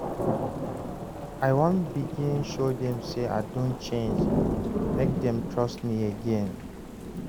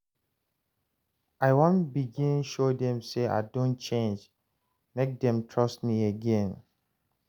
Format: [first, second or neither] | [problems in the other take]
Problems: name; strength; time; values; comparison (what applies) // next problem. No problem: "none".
second | background sound (Thunder / Rain); 2 dB below the speech